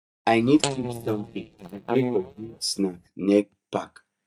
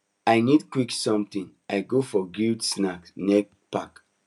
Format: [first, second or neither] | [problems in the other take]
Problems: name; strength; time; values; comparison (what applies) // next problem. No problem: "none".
second | noise reduction (neural mask model DeepFilterNet 3)